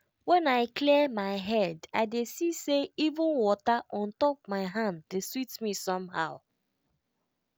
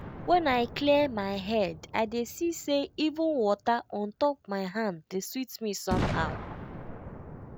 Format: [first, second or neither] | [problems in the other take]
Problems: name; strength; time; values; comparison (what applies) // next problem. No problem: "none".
first | background sound (Boom); 10 dB below the speech